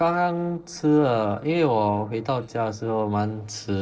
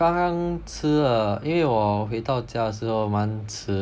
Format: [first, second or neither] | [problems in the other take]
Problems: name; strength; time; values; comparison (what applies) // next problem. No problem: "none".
second | noise reduction (neural separator model SepFormer DNS4)